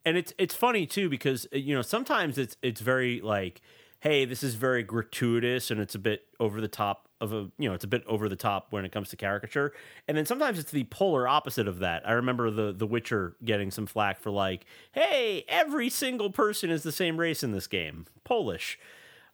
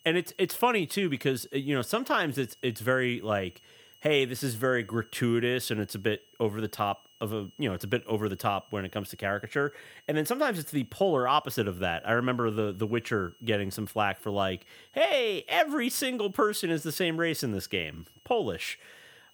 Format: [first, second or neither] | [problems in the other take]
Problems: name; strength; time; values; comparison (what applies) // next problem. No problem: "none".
first | high-pitched whine; faint; throughout; 3 kHz, 30 dB below the speech